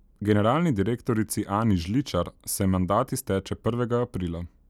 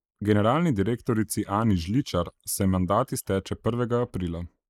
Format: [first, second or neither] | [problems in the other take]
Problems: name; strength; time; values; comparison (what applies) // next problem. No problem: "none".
first | noise reduction (neural mask model Resemble Enhance denoiser)